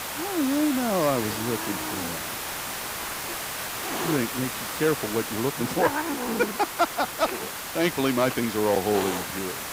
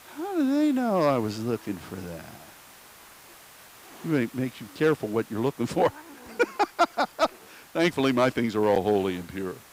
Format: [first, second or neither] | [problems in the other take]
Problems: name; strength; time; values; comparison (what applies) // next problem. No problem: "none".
second | hiss; loud; throughout; 3 dB below the speech; faint in the second